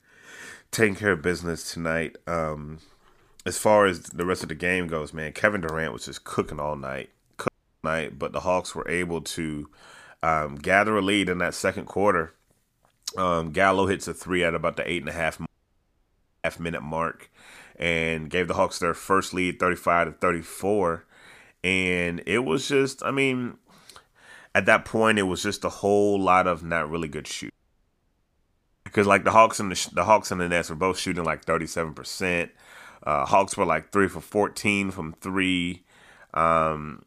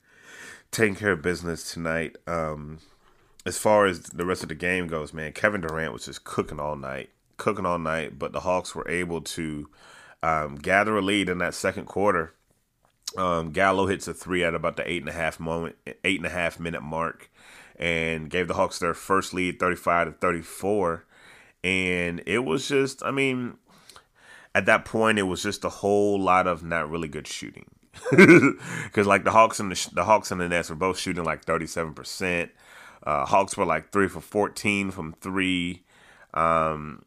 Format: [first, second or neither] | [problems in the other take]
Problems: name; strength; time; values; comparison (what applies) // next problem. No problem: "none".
second | audio cutting out; at 7.5 s, at 15 s for 1 s and at 28 s for 1.5 s